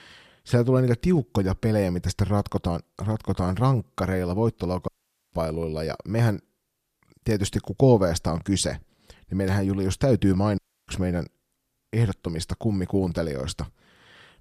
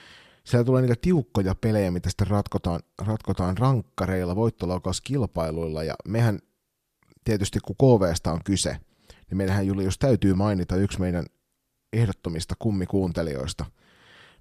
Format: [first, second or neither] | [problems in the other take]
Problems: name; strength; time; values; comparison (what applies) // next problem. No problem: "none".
second | audio cutting out; at 5 s and at 11 s